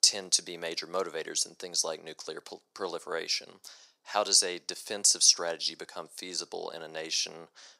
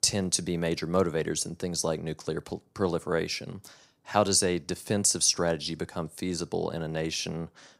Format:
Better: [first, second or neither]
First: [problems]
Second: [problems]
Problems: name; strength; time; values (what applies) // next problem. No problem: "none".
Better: second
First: thin; very; fading below 500 Hz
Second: none